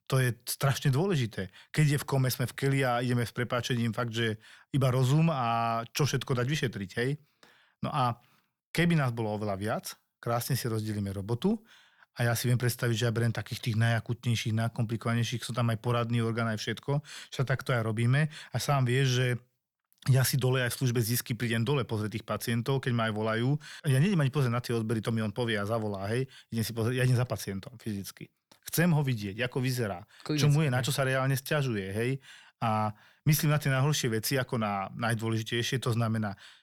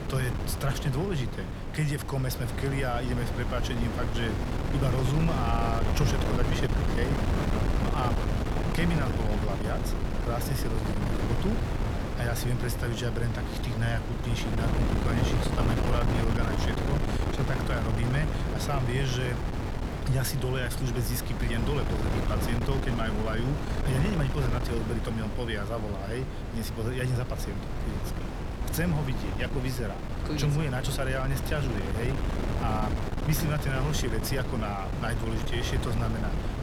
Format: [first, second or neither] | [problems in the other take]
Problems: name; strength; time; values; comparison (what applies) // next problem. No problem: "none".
first | wind noise on the microphone; heavy; 1 dB below the speech